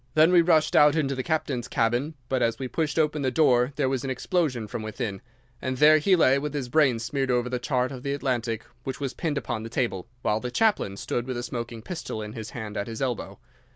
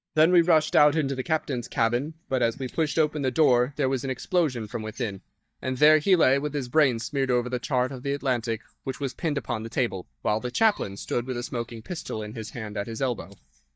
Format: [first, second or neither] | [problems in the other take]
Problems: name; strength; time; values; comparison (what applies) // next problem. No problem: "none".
first | noise reduction (neural mask model DeepFilterNet 3)